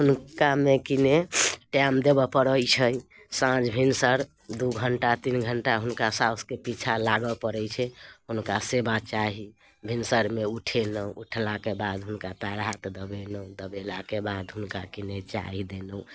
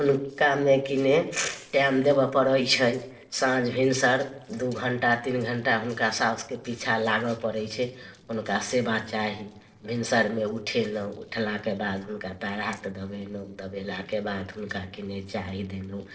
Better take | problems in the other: first | noise reduction (neural separator model SepFormer DNS4)

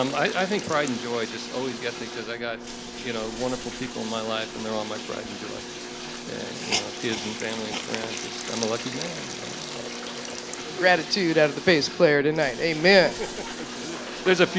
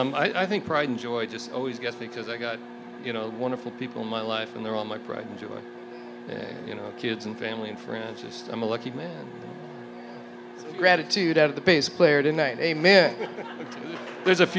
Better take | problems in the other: second | background sound (Bathtub (filling or washing) + Hiss); 10 dB below the speech

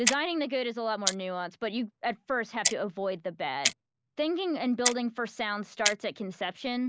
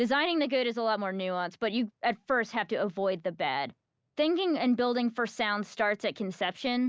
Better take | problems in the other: second | noise reduction (neural mask model Resemble Enhance denoiser)

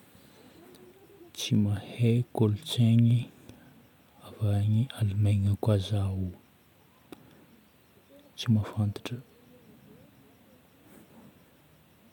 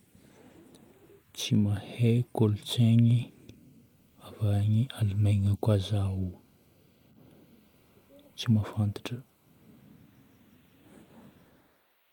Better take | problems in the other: first | noise reduction (neural mask model Resemble Enhance denoiser)

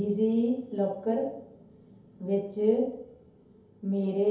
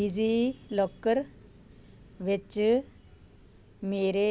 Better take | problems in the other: second | room echo; dies away in 0.8 s

